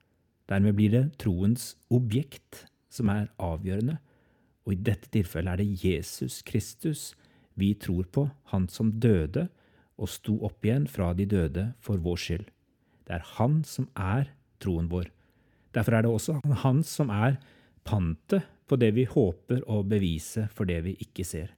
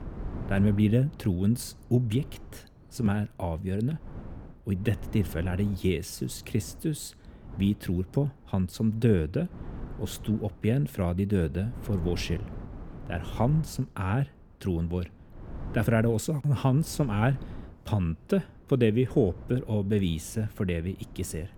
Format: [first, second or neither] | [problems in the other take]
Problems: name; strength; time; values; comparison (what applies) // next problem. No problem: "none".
first | wind noise on the microphone; occasional gusts; 20 dB below the speech